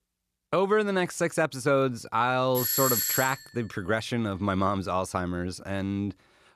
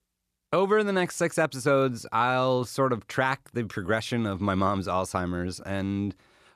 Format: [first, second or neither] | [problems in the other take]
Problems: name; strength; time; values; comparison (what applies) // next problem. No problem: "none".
second | doorbell; loud; at 2.5 s; peak 4 dB above the speech